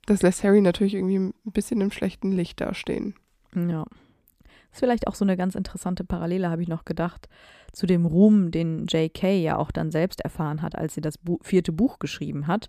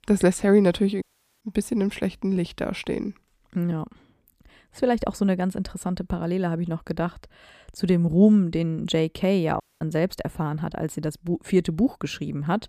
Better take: first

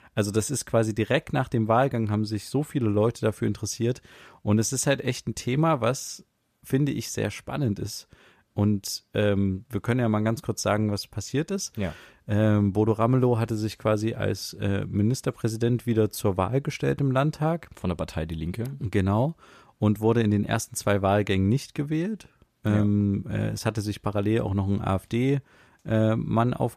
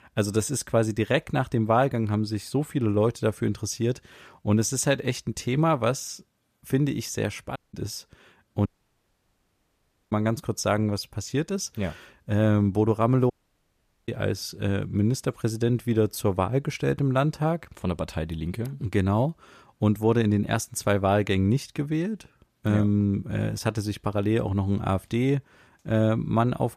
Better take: first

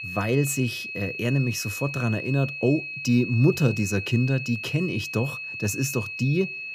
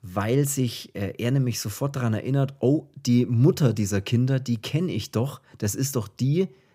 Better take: second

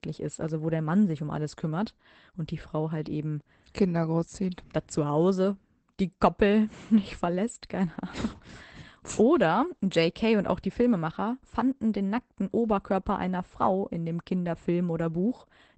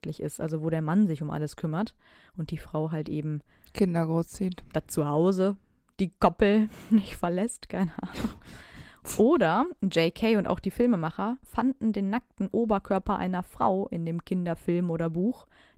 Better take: second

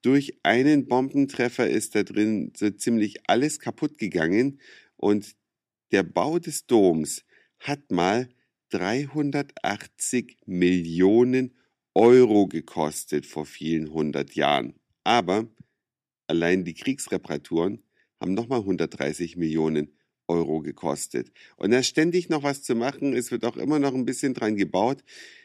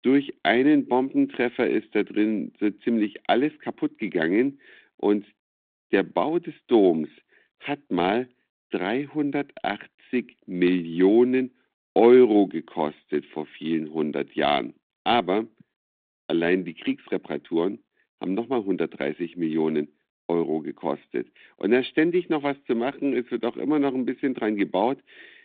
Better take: first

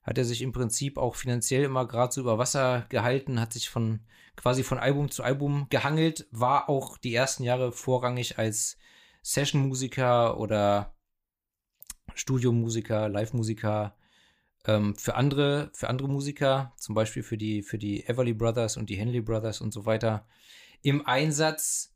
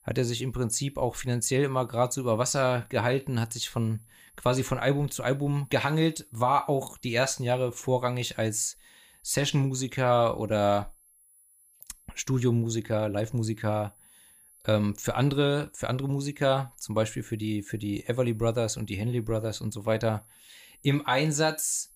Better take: first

